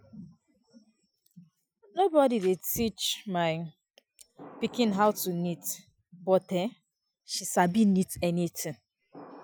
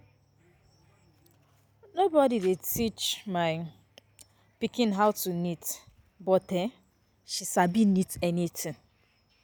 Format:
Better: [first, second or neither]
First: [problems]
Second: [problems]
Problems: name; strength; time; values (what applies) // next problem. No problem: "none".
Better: second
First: noise reduction (classical method Wiener filter)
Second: none